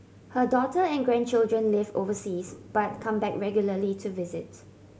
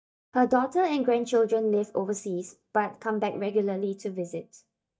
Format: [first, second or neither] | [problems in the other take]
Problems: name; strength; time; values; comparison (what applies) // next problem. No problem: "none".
first | noise reduction (neural mask model DeepFilterNet 3)